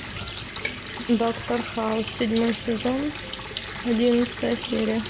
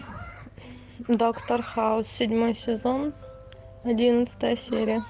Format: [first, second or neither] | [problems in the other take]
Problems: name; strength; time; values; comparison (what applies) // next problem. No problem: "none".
second | background sound (Water tap, faucet); 9 dB below the speech // room echo; dies away in 0.8 s